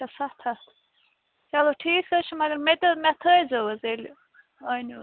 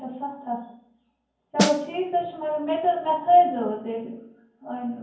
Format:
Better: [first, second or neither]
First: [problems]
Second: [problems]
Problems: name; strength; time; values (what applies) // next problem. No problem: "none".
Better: first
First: none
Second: background sound (Snare drum); 1 dB above the speech // room echo; dies away in 0.9 s